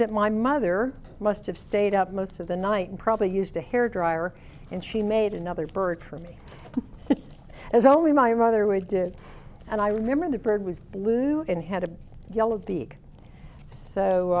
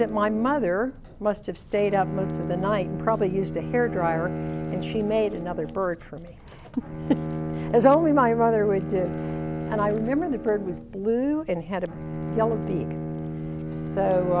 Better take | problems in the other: first | background sound (Bowed string instrument); 7 dB below the speech

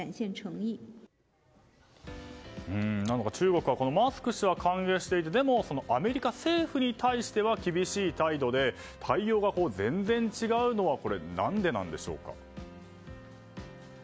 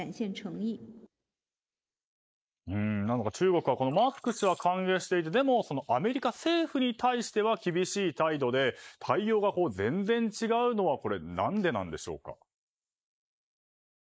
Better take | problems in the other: first | noise reduction (neural mask model Resemble Enhance denoiser)

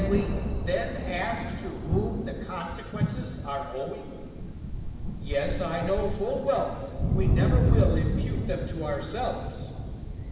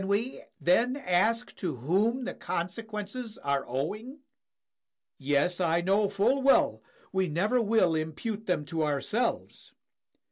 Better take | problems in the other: second | background sound (Thunder); 3 dB above the speech // room echo; dies away in 1.7 s

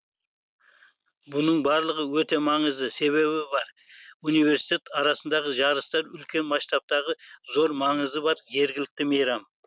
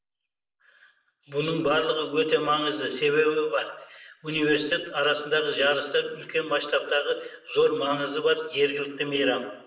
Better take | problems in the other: first | room echo; dies away in 0.8 s

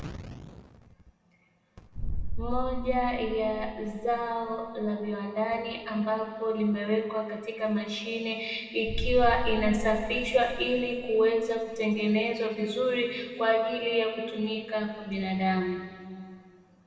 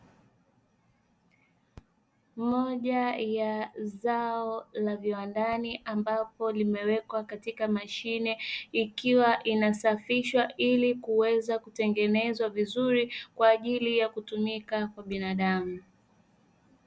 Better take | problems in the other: second | background sound (Boom); 4 dB below the speech // room echo; dies away in 2.1 s

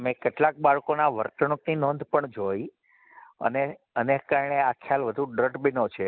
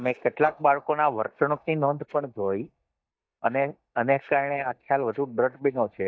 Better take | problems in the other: first | noise reduction (neural mask model DeepFilterNet 3)

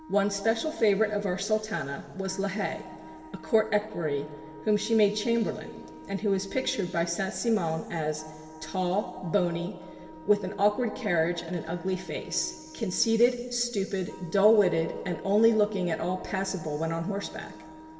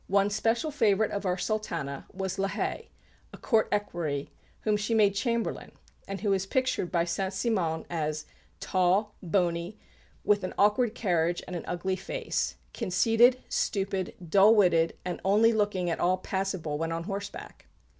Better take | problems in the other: second | background sound (Wind instrument, woodwind instrument); 19 dB below the speech // room echo; dies away in 2.3 s

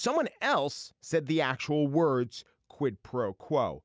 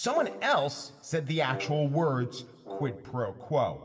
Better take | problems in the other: first | background sound (Brass instrument); 15 dB below the speech // room echo; dies away in 1.3 s

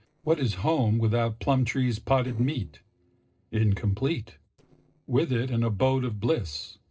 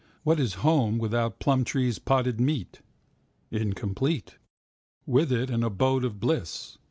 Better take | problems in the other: second | noise reduction (neural separator model SepFormer DNS4)

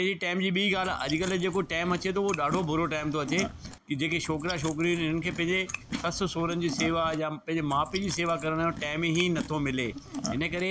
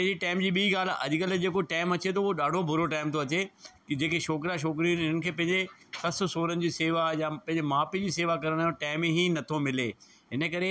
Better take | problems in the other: second | background sound (Chewing, mastication); 10 dB below the speech

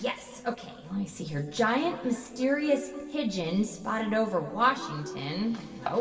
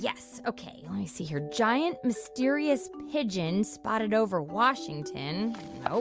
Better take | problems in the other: second | room echo; dies away in 2.1 s

